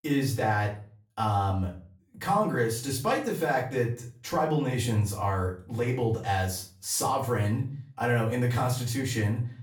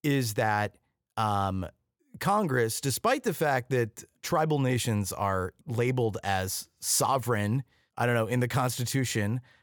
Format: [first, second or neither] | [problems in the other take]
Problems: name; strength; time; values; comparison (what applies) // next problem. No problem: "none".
second | off-mic speech; far // room echo; slight; dies away in 0.4 s